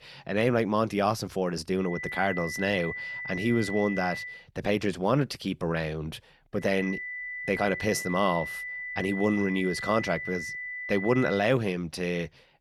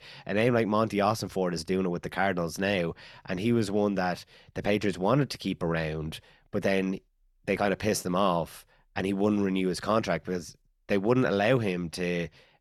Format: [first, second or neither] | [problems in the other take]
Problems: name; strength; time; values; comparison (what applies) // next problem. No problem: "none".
second | high-pitched whine; loud; from 2 to 4.5 s and from 6.5 to 11 s; 2 kHz, 6 dB below the speech